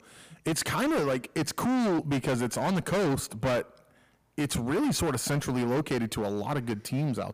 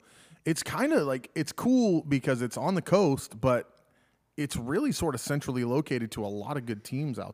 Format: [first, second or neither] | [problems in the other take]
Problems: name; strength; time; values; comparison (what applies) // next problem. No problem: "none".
second | distortion; heavy; 21% of the sound clipped